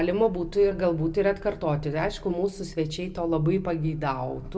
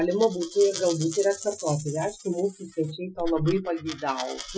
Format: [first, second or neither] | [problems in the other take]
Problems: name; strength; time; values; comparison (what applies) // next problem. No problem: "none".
first | noise reduction (classical method Wiener filter)